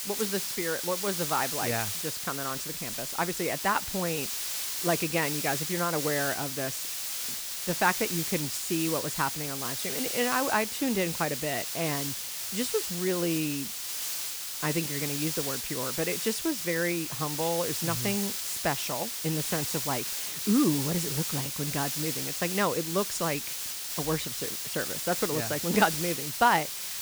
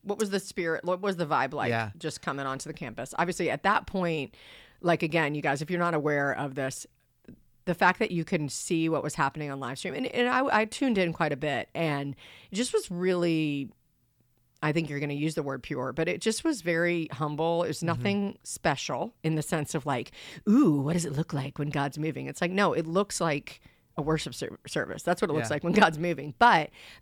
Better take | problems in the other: second | hiss; loud; throughout; 1 dB below the speech

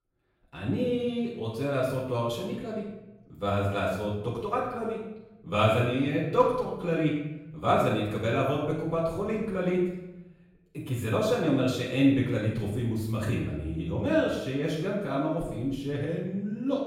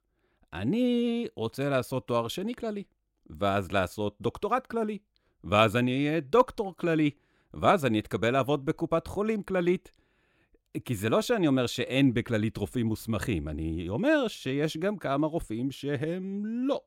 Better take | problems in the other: second | room echo; noticeable; dies away in 0.9 s // off-mic speech; far

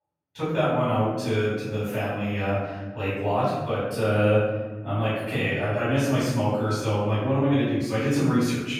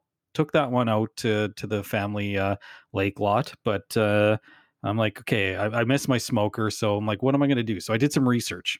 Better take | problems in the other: second | off-mic speech; far // room echo; strong; dies away in 1.2 s

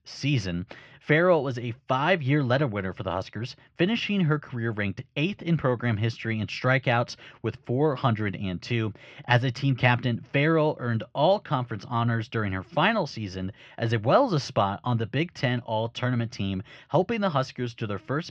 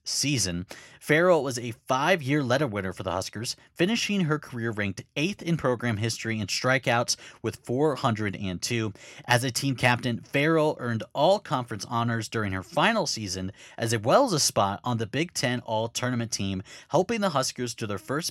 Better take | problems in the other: second | muffled; slightly; fading above 4 kHz

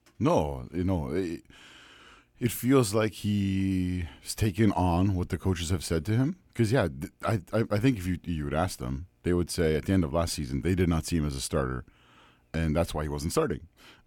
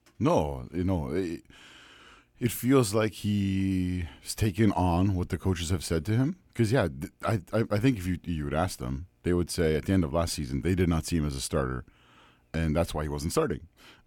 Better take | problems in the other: neither | none

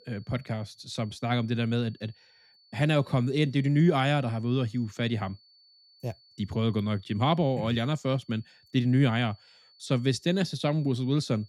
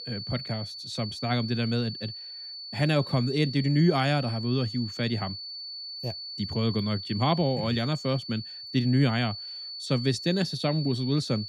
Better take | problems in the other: first | high-pitched whine; loud; throughout; 4.5 kHz, 9 dB below the speech; faint in the first

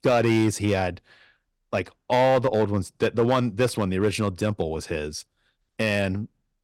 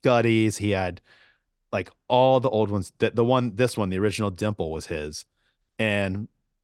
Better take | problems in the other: second | distortion; slight; 4% of the sound clipped

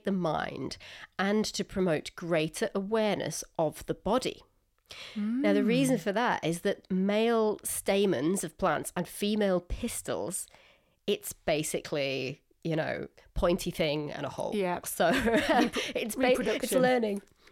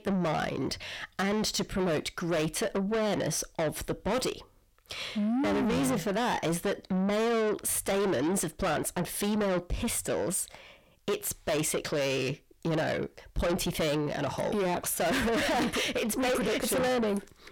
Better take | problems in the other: first | distortion; heavy; 6 dB below the speech

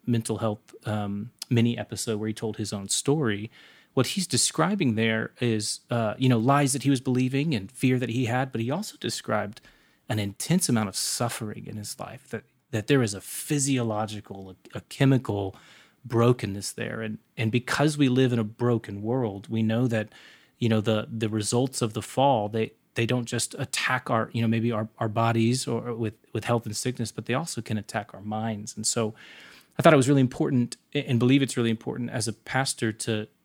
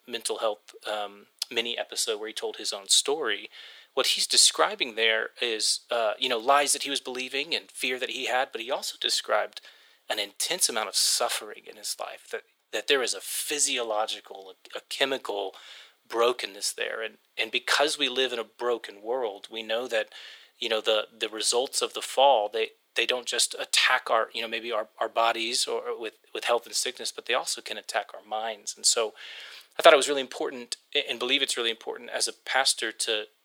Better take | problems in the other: first | thin; very; fading below 500 Hz

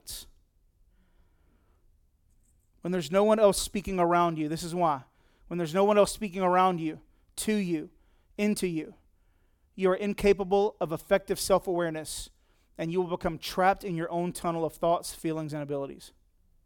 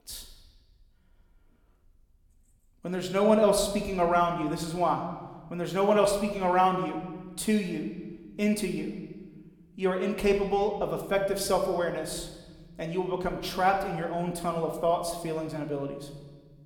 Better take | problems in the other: first | room echo; slight; dies away in 1.2 s

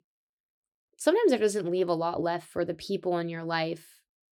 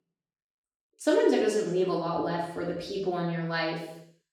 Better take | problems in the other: first | room echo; noticeable; dies away in 0.7 s // off-mic speech; far

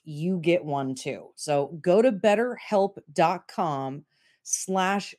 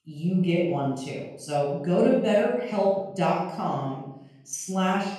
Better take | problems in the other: first | off-mic speech; far // room echo; noticeable; dies away in 0.7 s

